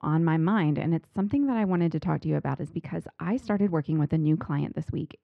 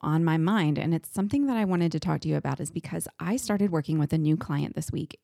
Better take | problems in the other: second | muffled; very; fading above 2 kHz

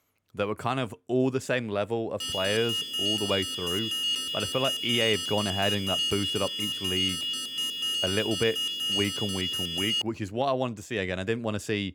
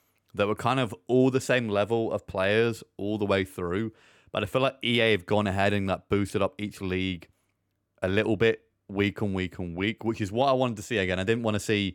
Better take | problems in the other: second | alarm; loud; from 2 to 10 s; peak 4 dB above the speech

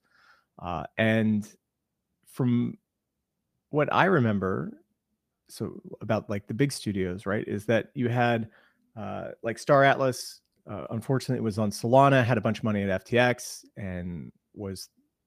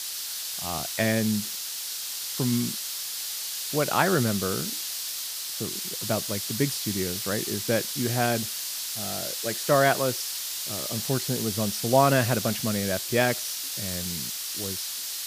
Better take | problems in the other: first | hiss; loud; throughout; 2 dB below the speech

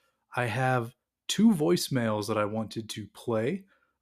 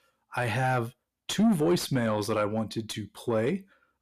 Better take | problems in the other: first | distortion; slight; 10 dB below the speech

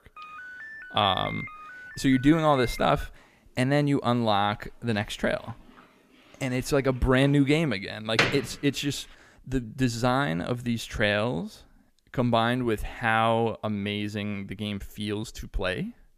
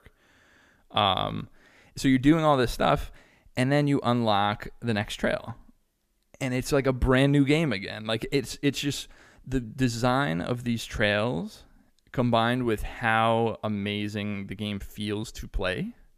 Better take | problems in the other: second | door banging; loud; from 7 to 8.5 s; peak 2 dB above the speech

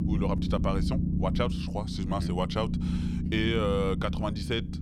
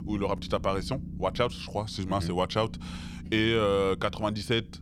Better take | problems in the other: second | low rumble; loud; throughout; 7 dB below the speech; faint in the second

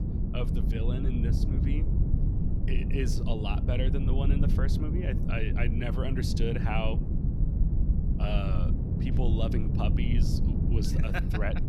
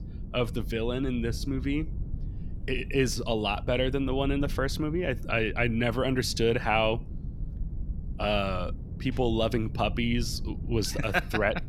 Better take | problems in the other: second | low rumble; loud; throughout; 3 dB below the speech; faint in the second

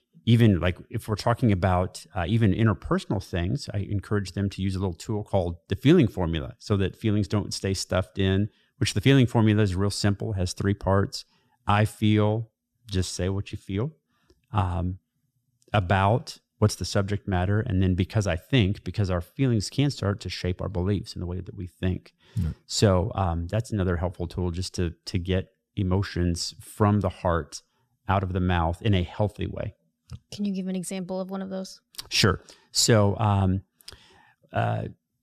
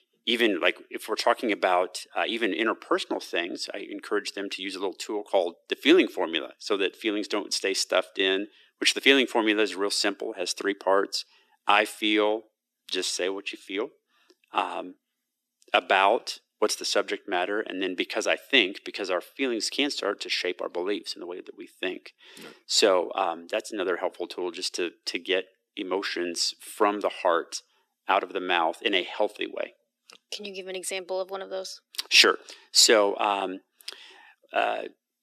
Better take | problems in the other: first | thin; very; fading below 300 Hz

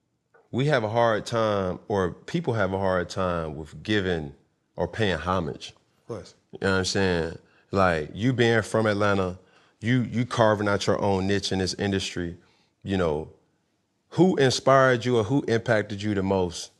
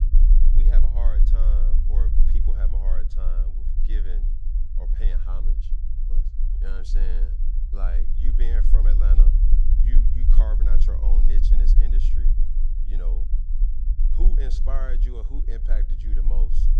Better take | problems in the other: first | low rumble; loud; throughout; 4 dB below the speech

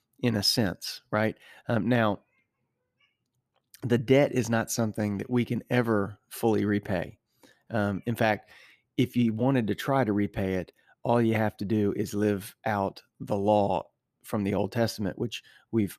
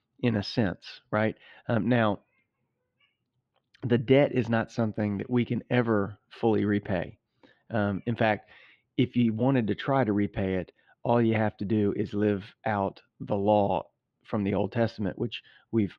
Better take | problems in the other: first | muffled; slightly; fading above 3.5 kHz

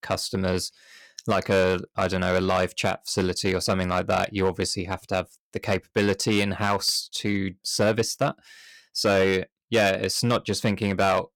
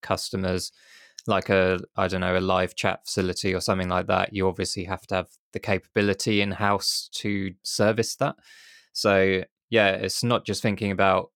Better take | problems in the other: second | distortion; slight; 4% of the sound clipped

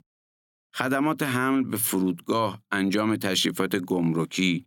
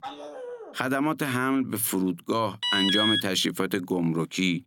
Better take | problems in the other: first | dog barking; faint; at the start; peak 10 dB below the speech // alarm; loud; at 2.5 s; peak 5 dB above the speech

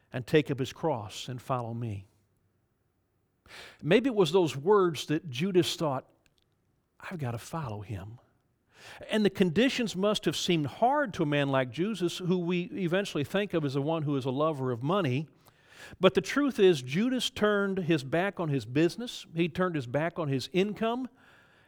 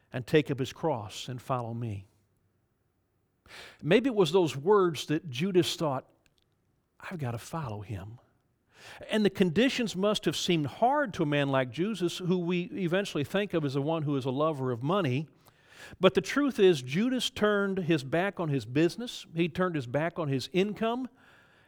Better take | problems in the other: neither | none

